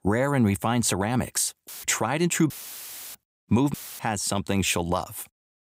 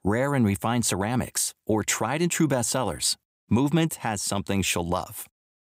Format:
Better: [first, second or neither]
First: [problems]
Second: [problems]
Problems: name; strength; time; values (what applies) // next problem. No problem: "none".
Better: second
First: audio cutting out; filled with static; at 1.5 s, at 2.5 s for 0.5 s and at 3.5 s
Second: none